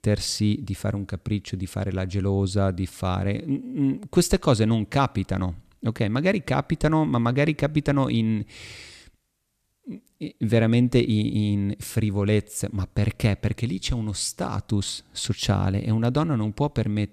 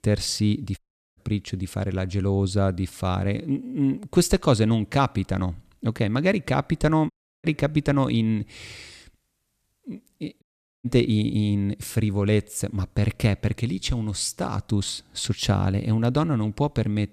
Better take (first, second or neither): first